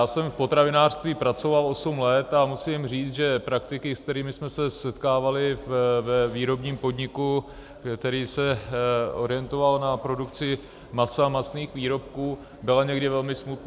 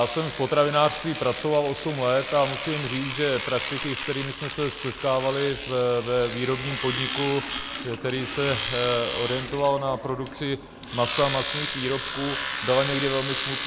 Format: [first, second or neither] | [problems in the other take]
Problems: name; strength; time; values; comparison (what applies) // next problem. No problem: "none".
first | background sound (Domestic sounds, home sounds); 7 dB below the speech